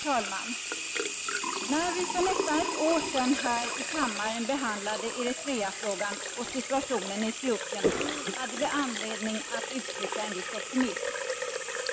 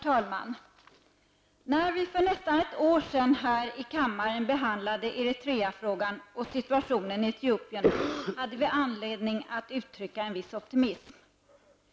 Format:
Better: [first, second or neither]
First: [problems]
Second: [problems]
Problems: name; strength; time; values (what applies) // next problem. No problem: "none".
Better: second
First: background sound (Sink (filling or washing) / Water tap, faucet); 2 dB below the speech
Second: none